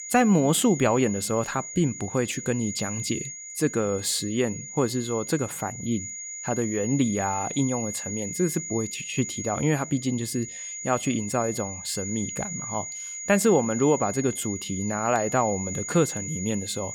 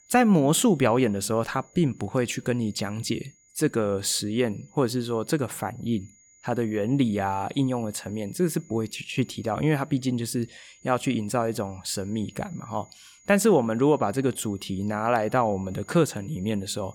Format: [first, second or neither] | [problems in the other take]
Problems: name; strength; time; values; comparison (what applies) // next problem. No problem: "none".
second | high-pitched whine; loud; throughout; 7 kHz, 7 dB below the speech; faint in the second